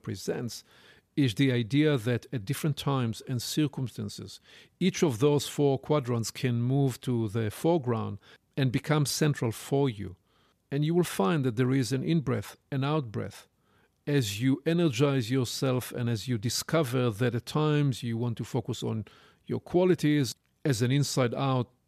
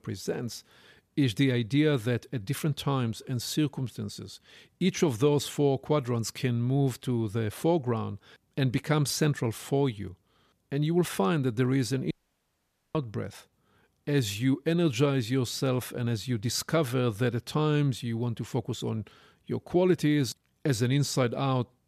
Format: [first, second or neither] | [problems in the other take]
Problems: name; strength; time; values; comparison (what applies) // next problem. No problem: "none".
first | audio cutting out; at 12 s for 1 s